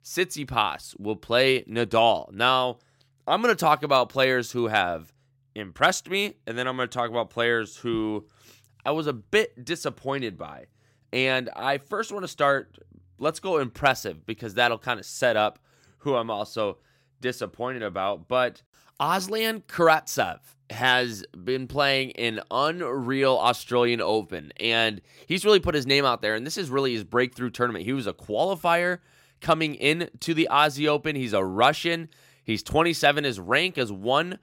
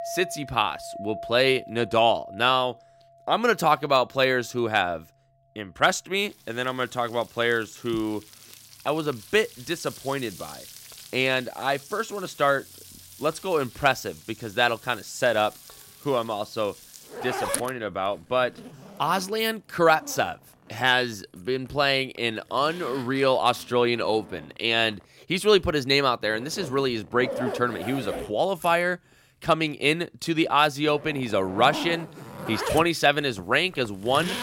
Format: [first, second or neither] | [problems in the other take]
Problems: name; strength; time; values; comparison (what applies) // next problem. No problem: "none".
first | household noises; noticeable; throughout; 15 dB below the speech